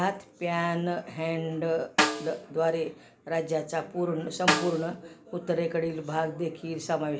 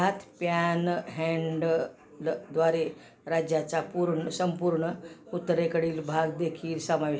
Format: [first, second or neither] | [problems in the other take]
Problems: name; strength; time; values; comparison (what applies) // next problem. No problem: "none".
second | background sound (Snare drum); 3 dB below the speech